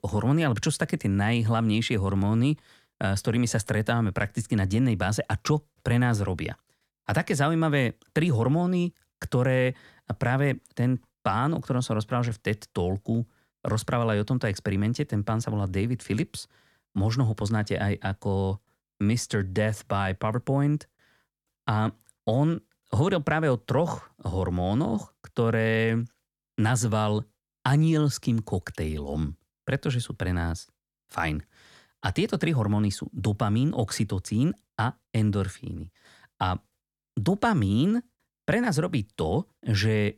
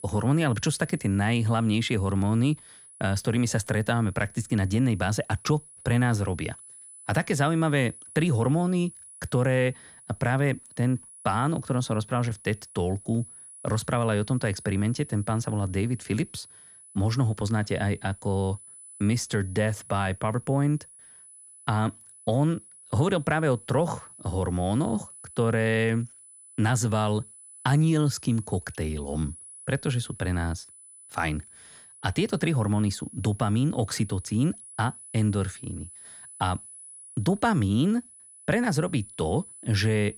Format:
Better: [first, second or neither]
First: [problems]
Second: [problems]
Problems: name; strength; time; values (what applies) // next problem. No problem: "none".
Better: first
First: none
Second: high-pitched whine; noticeable; throughout; 10 kHz, 20 dB below the speech